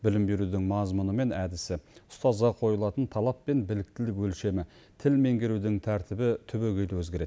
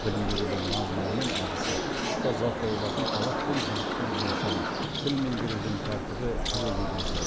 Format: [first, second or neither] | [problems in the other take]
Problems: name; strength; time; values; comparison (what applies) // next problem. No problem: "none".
first | background sound (Bird); 3 dB above the speech